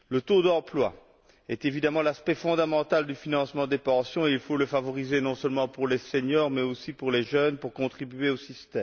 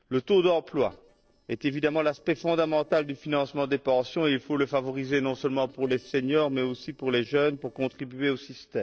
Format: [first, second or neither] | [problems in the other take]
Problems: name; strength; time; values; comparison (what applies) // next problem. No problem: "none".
first | noise reduction (neural separator model SepFormer DNS4)